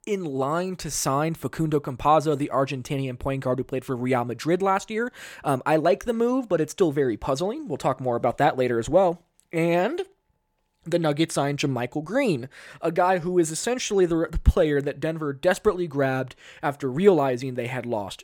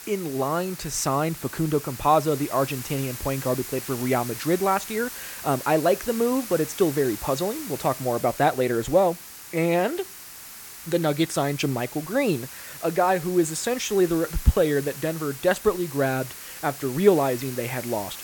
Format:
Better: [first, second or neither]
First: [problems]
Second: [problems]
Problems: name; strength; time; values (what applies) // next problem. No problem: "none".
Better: first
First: none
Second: hiss; noticeable; throughout; 10 dB below the speech